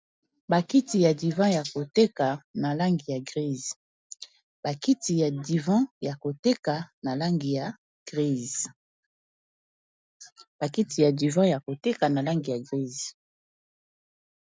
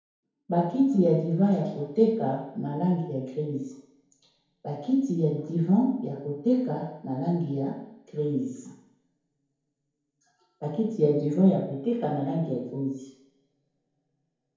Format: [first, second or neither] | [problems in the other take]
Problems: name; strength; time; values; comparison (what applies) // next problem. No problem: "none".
first | room echo; dies away in 0.9 s